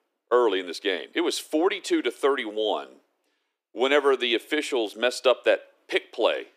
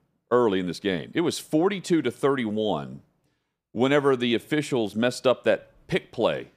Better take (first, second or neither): second